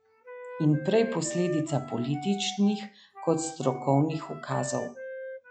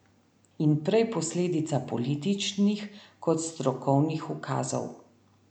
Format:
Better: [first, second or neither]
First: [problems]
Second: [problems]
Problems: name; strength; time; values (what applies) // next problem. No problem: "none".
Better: second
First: noise reduction (classical method log-MMSE)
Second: none